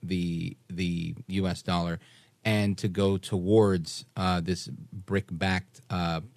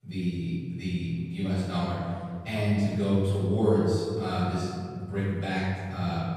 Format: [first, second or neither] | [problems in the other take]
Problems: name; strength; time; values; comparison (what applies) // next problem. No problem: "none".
first | off-mic speech; far // room echo; strong; dies away in 1.9 s